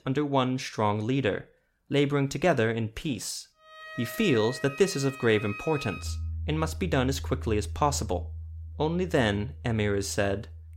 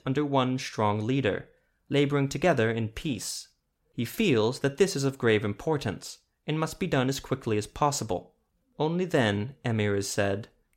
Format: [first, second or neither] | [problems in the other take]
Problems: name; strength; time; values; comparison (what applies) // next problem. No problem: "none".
second | background music; noticeable; from 3.5 s on; 10 dB below the speech